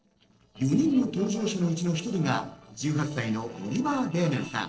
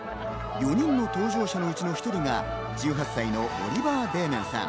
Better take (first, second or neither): second